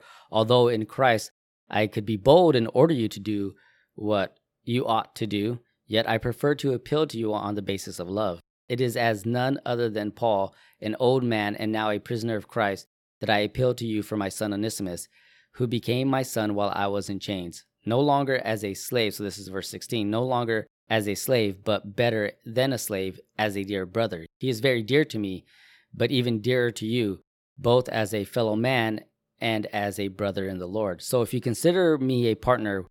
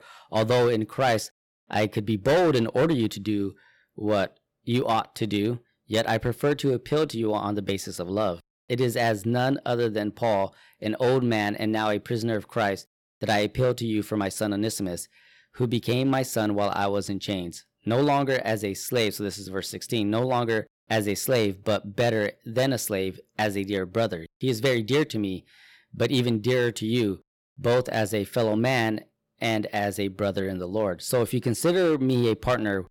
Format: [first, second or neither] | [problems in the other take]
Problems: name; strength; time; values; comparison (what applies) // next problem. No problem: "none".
first | distortion; slight; 5% of the sound clipped